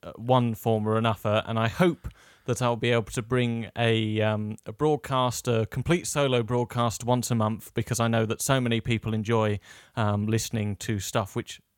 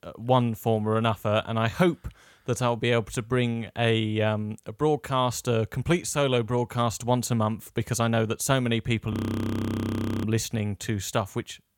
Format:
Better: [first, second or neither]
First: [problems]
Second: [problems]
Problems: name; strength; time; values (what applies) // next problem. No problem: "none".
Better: first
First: none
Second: audio freezing; at 9 s for 1 s